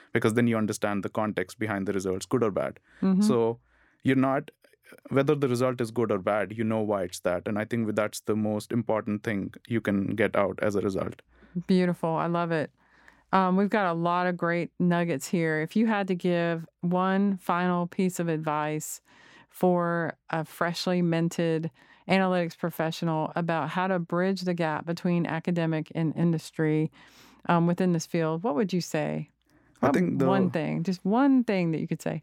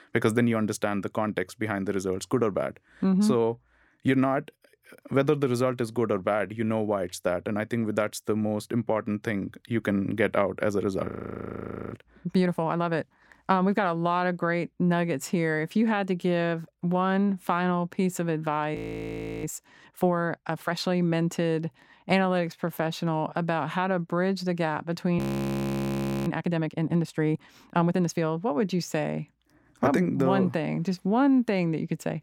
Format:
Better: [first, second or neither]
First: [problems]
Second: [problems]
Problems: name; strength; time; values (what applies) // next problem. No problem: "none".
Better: first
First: none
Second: audio freezing; at 11 s for 1 s, at 19 s for 0.5 s and at 25 s for 1 s